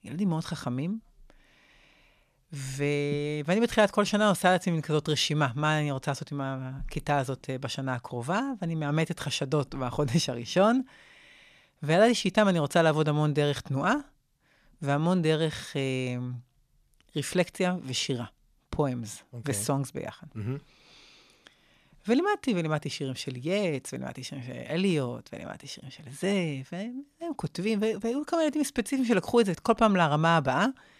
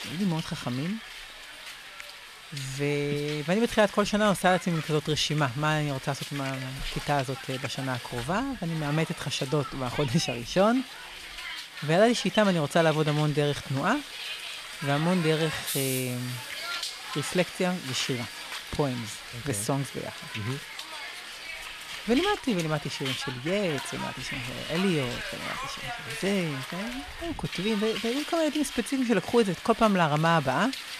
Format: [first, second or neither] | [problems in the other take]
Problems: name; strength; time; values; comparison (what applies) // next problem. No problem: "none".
first | hiss; loud; throughout; 8 dB below the speech